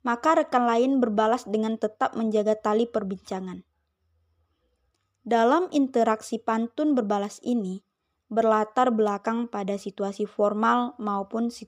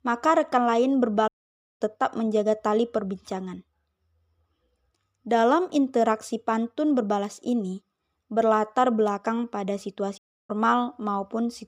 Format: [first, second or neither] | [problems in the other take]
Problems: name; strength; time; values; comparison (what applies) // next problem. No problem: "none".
first | audio cutting out; at 1.5 s for 0.5 s and at 10 s